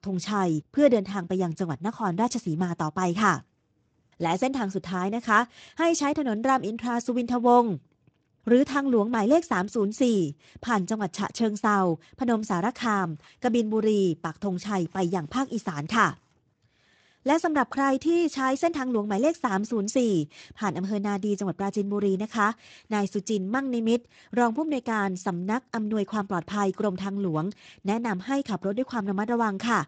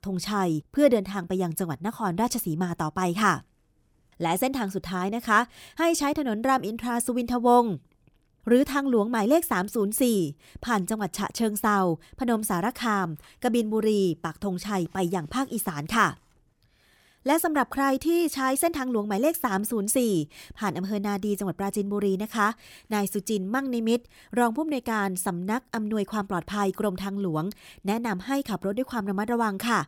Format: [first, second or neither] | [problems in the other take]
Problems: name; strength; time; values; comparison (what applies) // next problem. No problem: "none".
second | garbled, watery; slightly; nothing above 7.5 kHz